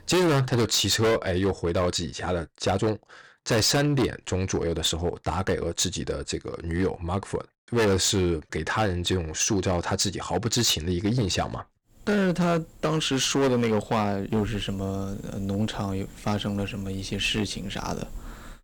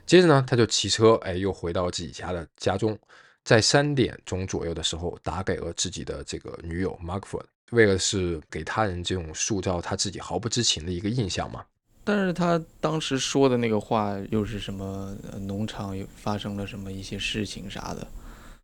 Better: second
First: distortion; heavy; 9% of the sound clipped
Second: none

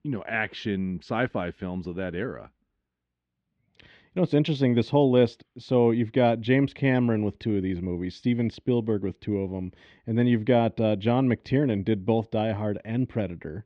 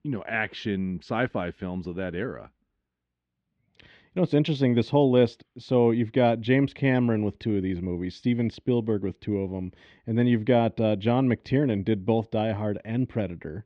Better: neither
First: muffled; slightly; fading above 3 kHz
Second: muffled; slightly; fading above 3 kHz

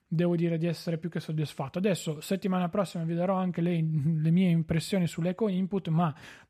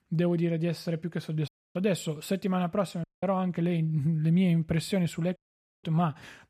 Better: first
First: none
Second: audio cutting out; at 1.5 s, at 3 s and at 5.5 s

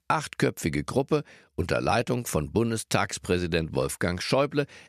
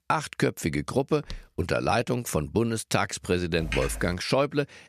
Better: first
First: none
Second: footsteps; faint; at 1 s; peak 20 dB below the speech // keyboard typing; noticeable; at 3.5 s; peak 5 dB below the speech

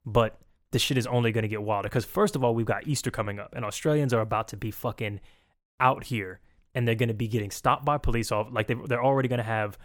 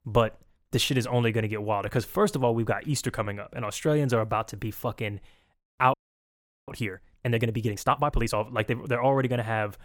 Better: first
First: none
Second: audio freezing; at 6 s for 0.5 s

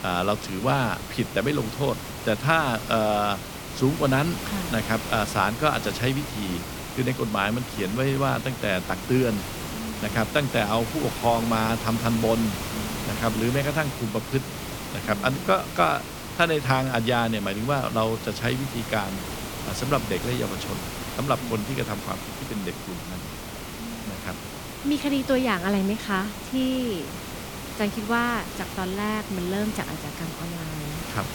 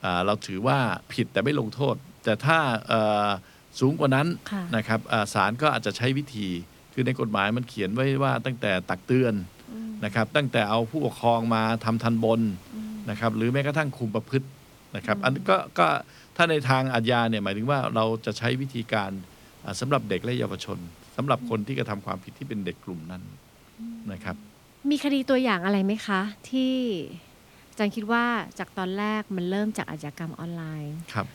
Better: second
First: hiss; loud; throughout; 8 dB below the speech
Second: hiss; faint; throughout; 25 dB below the speech

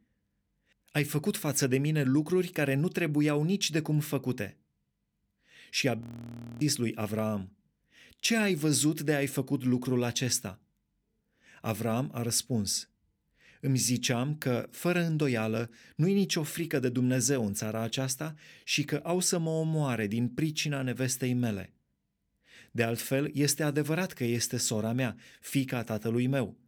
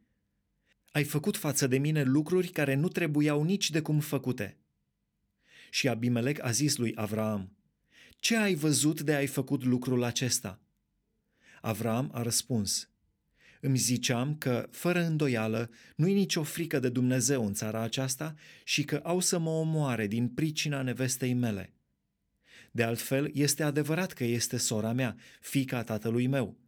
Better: second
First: audio freezing; at 6 s for 0.5 s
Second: none

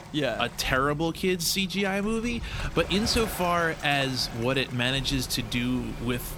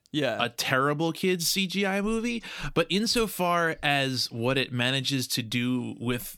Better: second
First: rain or running water; noticeable; throughout; 15 dB below the speech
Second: none

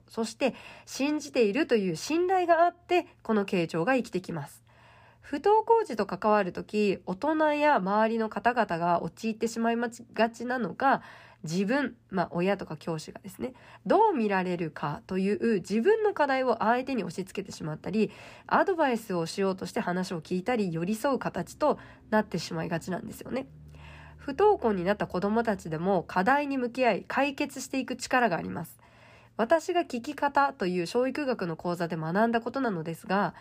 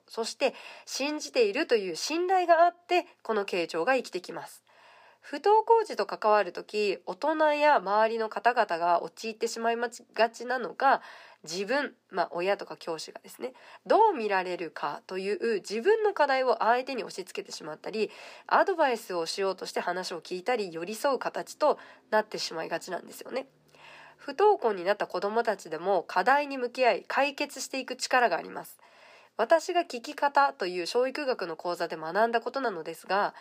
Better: first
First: none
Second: thin; somewhat; fading below 450 Hz

